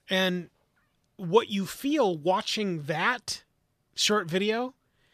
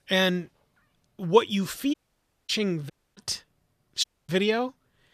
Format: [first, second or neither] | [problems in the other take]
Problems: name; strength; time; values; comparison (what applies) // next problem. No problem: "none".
first | audio cutting out; at 2 s for 0.5 s, at 3 s and at 4 s